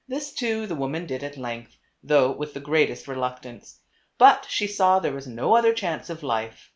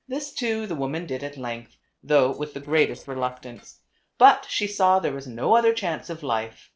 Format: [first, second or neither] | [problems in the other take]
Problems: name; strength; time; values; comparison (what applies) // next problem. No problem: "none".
first | noise reduction (neural separator model SepFormer DNS4)